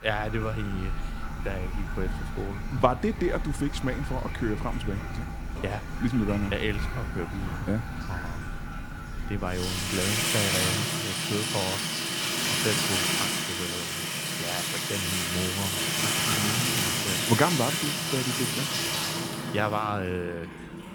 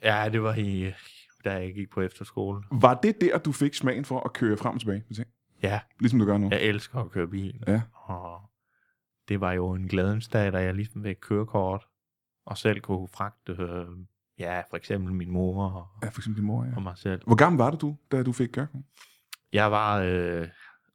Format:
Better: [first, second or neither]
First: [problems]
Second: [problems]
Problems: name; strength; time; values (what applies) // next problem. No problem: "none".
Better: second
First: household noises; very loud; throughout; 3 dB above the speech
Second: none